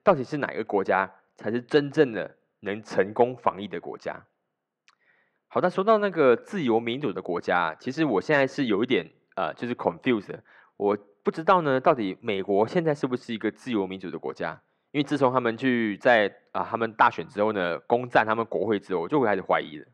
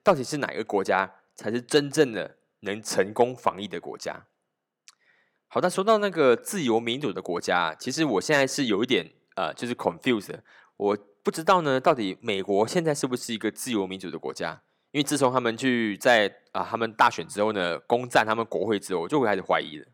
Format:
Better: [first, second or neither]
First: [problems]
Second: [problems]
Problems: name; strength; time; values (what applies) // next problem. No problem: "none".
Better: second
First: muffled; slightly; fading above 2.5 kHz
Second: none